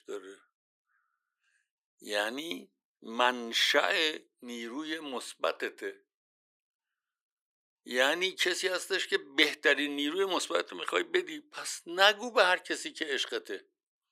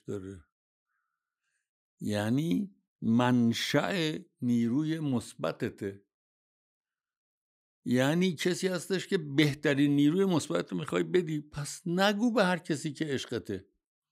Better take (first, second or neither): second